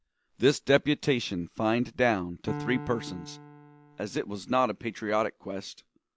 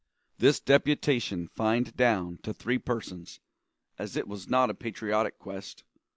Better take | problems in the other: second | background sound (Piano); 14 dB below the speech

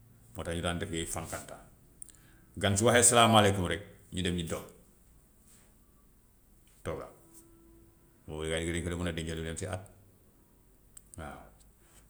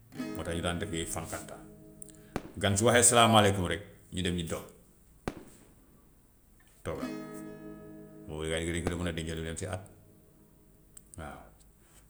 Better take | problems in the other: first | background sound (Acoustic guitar / Strum + Fireworks); 14 dB below the speech

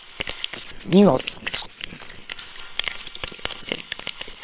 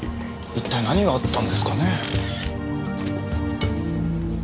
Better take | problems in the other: second | noise reduction (neural separator model SepFormer WHAM!)

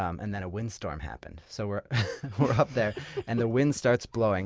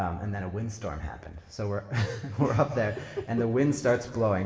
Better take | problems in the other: first | room echo; dies away in 1.1 s

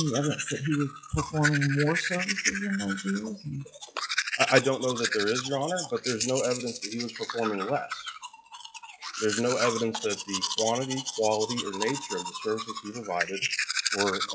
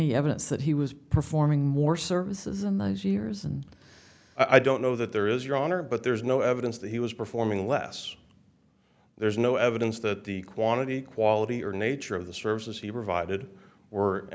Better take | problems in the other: second | noise reduction (classical method WPE with log-MMSE)

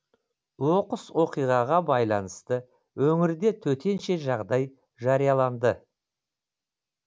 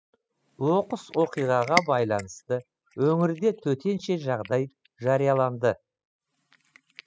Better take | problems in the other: first | noise reduction (classical method spectral subtraction)

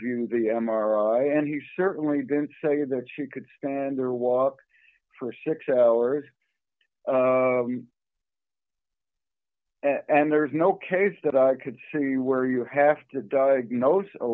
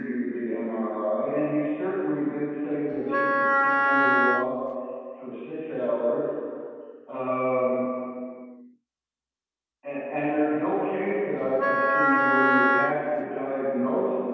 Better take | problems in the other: first | background sound (Wind instrument, woodwind instrument); 5 dB above the speech // room echo; dies away in 2.1 s

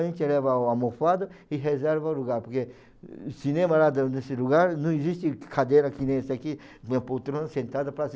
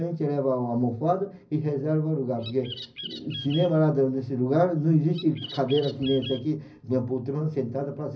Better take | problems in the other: first | background sound (Bird); 14 dB below the speech // room echo; dies away in 0.4 s

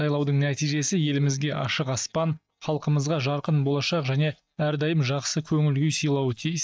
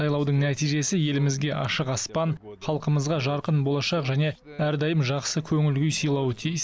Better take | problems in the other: second | noise reduction (neural mask model DeepFilterNet 3)

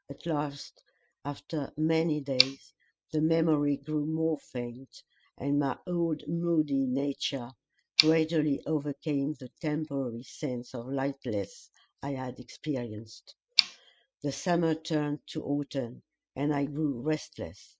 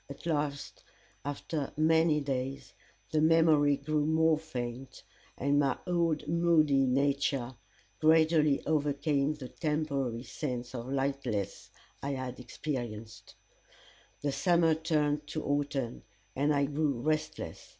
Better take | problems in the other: second | noise reduction (classical method spectral subtraction)

